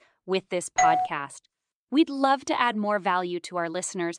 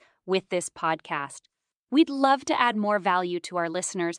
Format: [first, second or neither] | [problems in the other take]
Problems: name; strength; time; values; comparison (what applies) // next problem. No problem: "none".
second | doorbell; loud; at 1 s; peak 4 dB above the speech